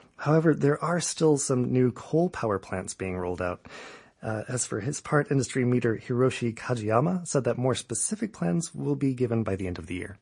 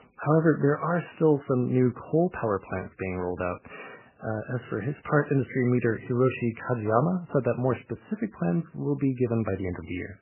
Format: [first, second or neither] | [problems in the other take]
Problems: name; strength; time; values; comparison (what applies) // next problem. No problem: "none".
first | garbled, watery; badly; nothing above 3 kHz; slightly in the first